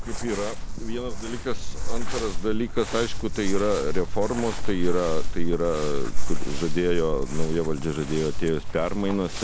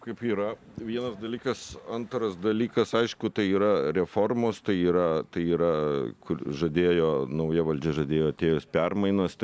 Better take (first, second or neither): second